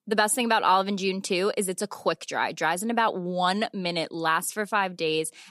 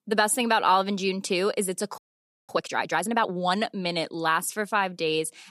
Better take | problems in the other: first | audio freezing; at 2 s for 0.5 s

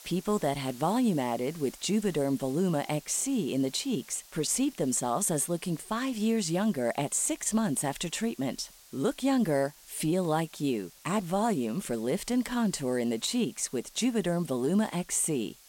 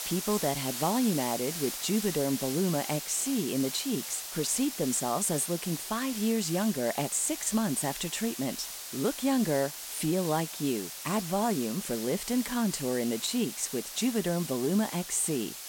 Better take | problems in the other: first | hiss; loud; throughout; 6 dB below the speech; faint in the first

